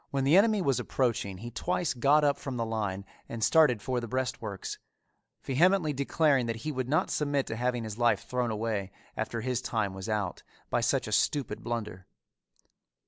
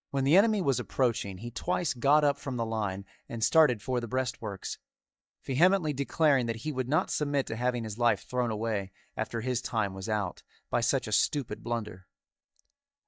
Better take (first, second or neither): first